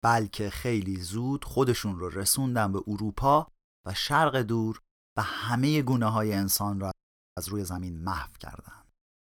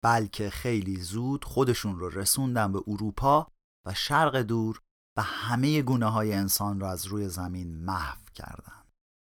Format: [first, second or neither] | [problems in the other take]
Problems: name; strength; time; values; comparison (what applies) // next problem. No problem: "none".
second | audio freezing; at 7 s